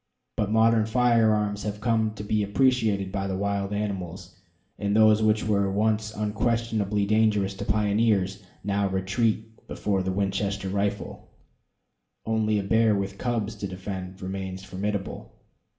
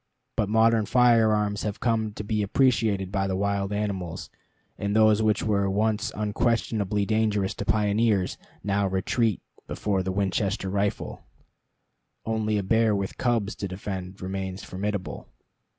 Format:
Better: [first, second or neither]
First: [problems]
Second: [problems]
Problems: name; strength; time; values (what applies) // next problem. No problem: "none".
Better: second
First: room echo; dies away in 0.5 s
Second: none